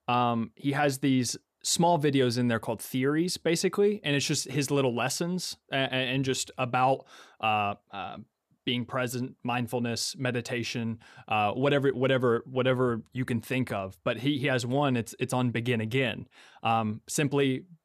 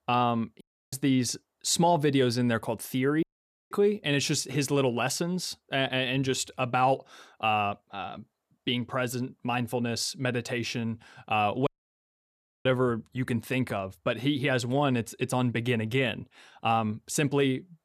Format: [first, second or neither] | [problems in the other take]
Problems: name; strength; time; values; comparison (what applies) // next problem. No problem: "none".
first | audio cutting out; at 0.5 s, at 3 s and at 12 s for 1 s